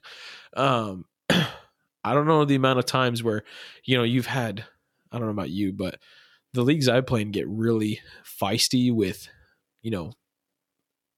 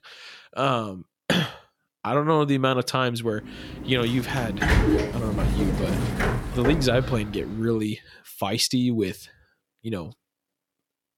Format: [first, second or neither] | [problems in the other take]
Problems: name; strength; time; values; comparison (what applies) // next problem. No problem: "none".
first | door banging; loud; from 4 to 7 s; peak 5 dB above the speech